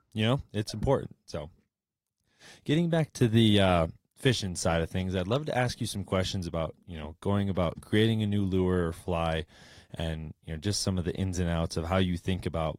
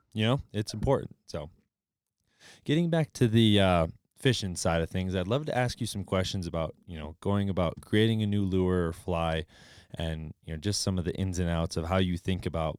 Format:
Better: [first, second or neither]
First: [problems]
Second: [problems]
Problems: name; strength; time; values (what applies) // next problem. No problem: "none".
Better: second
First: garbled, watery; slightly; nothing above 15.5 kHz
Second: none